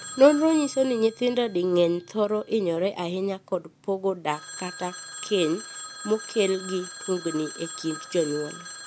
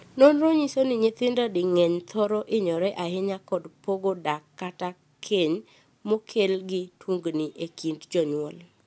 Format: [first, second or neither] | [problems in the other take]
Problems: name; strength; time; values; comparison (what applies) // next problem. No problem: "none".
second | background sound (Telephone); 15 dB below the speech